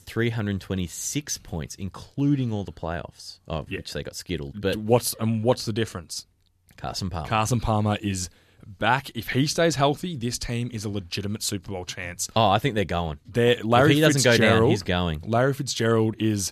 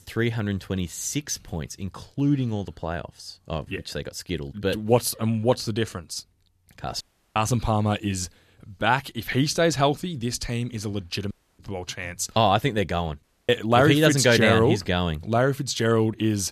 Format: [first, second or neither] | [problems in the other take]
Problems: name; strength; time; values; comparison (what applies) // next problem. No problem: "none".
first | audio cutting out; at 7 s, at 11 s and at 13 s